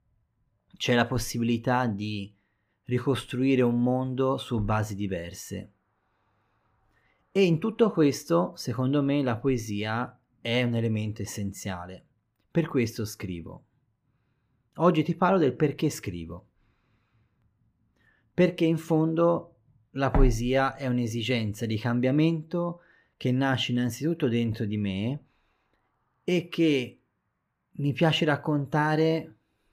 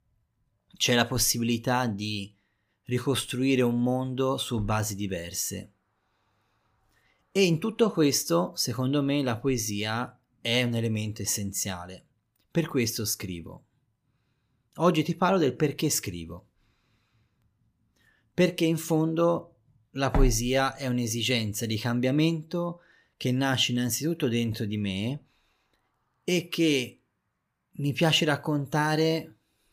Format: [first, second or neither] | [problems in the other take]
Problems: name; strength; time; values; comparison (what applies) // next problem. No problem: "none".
second | muffled; slightly; fading above 3.5 kHz